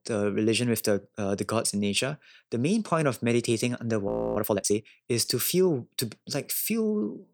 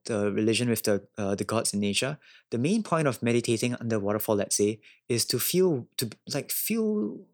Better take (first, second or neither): second